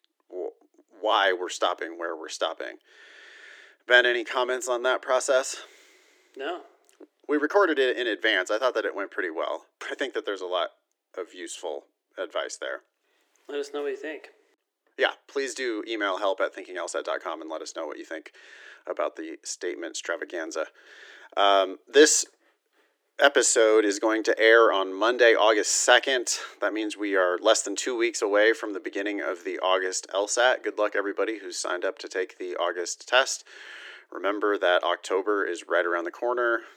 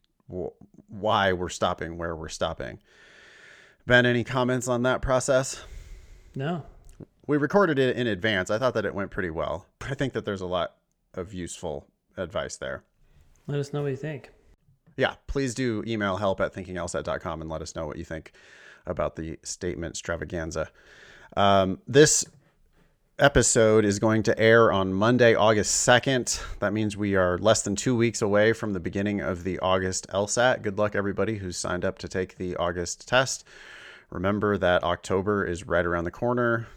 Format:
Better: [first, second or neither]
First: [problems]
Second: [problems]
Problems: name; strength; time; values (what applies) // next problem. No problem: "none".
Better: second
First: thin; very; fading below 300 Hz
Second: none